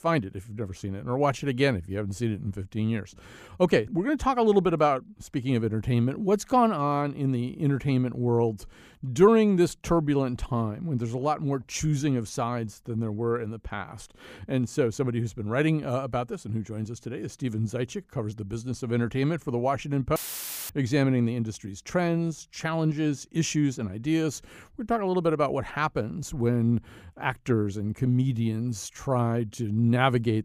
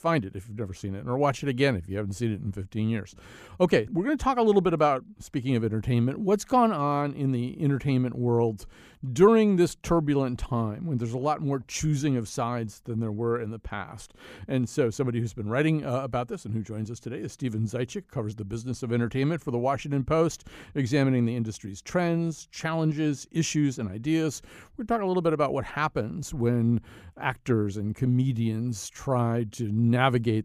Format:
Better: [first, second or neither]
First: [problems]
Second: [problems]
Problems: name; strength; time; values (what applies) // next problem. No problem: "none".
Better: second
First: audio cutting out; filled with static; at 20 s for 0.5 s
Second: none